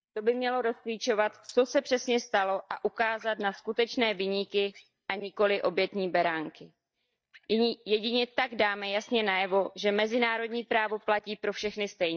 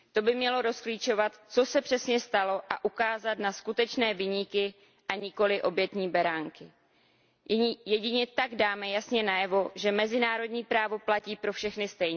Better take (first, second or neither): second